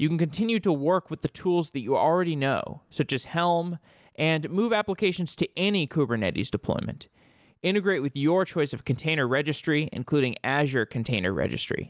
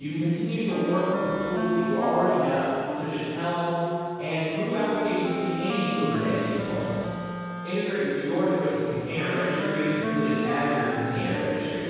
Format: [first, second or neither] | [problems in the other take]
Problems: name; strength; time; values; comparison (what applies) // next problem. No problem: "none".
first | background sound (Wind instrument, woodwind instrument); 6 dB below the speech // room echo; dies away in 2.2 s